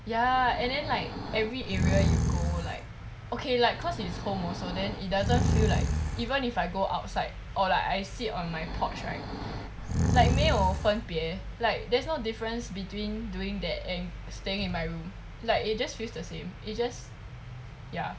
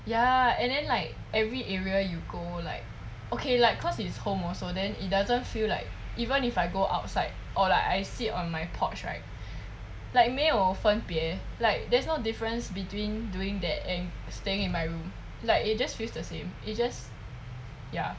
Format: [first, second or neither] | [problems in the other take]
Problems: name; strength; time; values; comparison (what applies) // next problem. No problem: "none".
second | background sound (Breathing); 1 dB above the speech